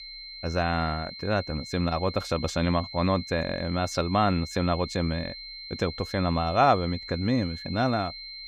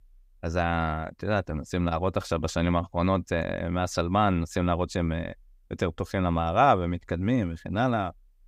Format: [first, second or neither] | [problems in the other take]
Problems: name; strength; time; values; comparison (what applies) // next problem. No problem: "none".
second | high-pitched whine; noticeable; throughout; 4 kHz, 10 dB below the speech